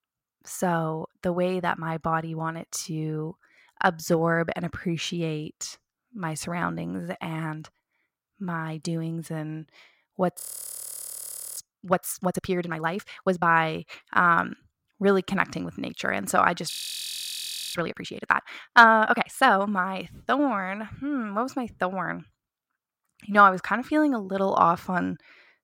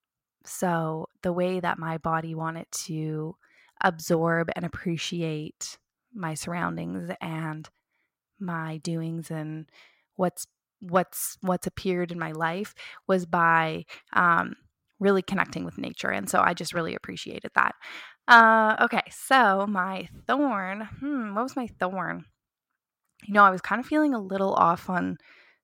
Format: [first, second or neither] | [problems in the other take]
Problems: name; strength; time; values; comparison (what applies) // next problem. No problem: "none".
second | audio freezing; at 10 s for 1 s and at 17 s for 1 s